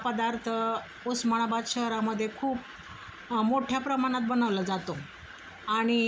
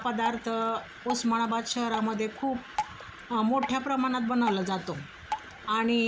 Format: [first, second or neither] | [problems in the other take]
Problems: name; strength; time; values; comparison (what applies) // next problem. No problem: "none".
first | background sound (Drip); 11 dB below the speech